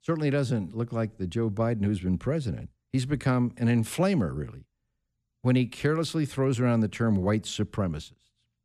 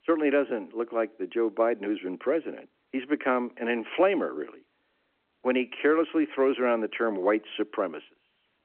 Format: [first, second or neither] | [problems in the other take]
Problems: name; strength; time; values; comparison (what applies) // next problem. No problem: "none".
first | phone-call audio